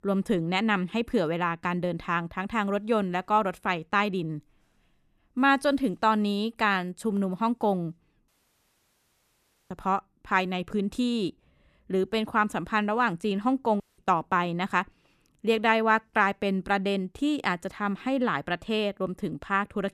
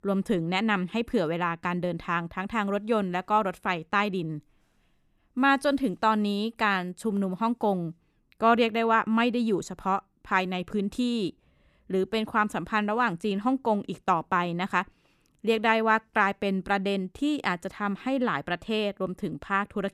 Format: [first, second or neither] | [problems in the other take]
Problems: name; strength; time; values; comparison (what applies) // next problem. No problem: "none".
second | audio cutting out; at 8.5 s for 1.5 s and at 14 s